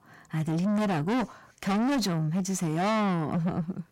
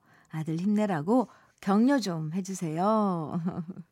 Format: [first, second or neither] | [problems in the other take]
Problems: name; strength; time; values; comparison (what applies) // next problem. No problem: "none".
second | distortion; heavy; 6 dB below the speech